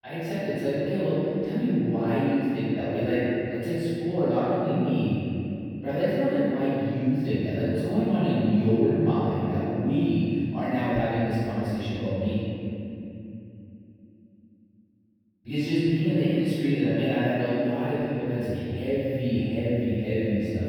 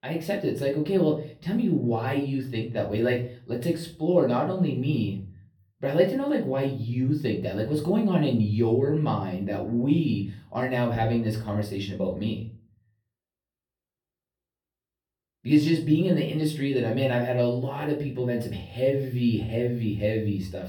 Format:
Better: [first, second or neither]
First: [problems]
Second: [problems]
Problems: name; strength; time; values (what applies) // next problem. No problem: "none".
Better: second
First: room echo; strong; dies away in 3 s // off-mic speech; far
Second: room echo; slight; dies away in 0.4 s // off-mic speech; far